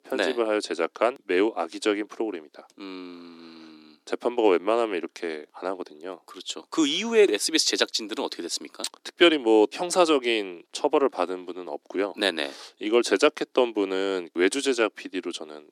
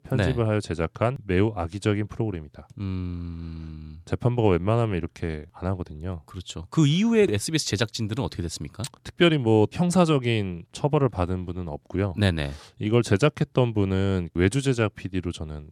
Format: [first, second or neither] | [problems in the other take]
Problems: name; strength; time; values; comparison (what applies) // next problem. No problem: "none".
second | thin; somewhat; fading below 300 Hz